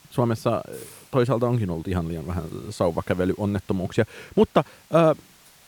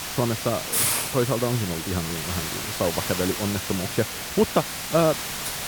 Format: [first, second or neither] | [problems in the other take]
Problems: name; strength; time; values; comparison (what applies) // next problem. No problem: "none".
first | hiss; loud; throughout; 1 dB below the speech; faint in the first